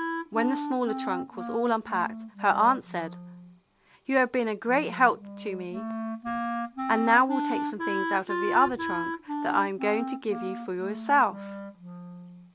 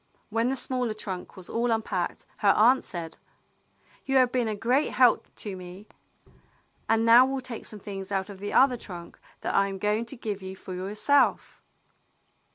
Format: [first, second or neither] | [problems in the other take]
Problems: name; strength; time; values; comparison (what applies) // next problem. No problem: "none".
second | background sound (Wind instrument, woodwind instrument); 6 dB below the speech